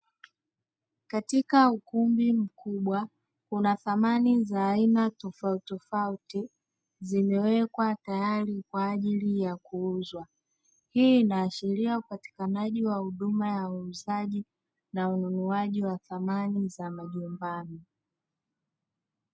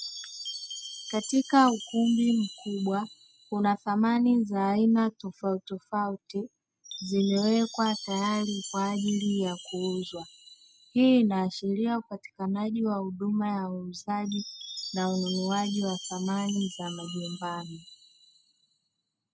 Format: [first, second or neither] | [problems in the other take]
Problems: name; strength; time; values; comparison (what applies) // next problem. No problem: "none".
first | background sound (Chime); 15 dB below the speech